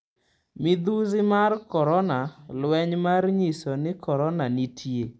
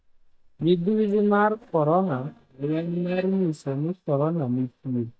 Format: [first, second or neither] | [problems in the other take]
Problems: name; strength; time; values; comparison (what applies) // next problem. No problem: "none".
first | noise reduction (neural mask model DeepFilterNet 3)